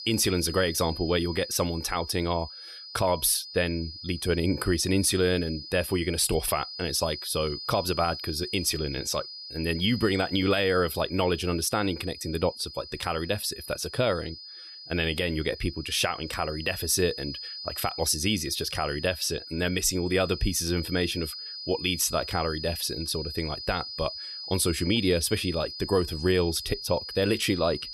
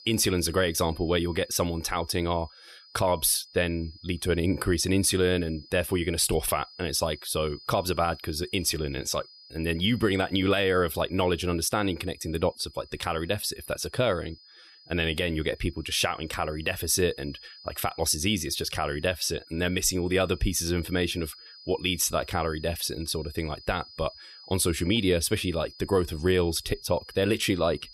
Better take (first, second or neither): second